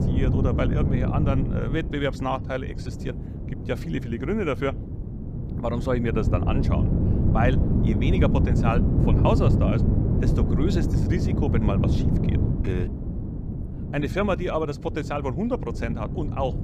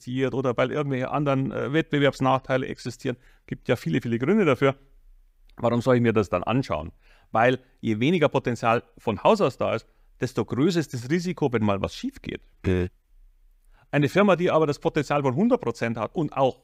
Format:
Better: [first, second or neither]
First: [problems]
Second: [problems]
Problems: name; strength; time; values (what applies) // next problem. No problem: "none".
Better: second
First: wind noise on the microphone; heavy; 5 dB below the speech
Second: none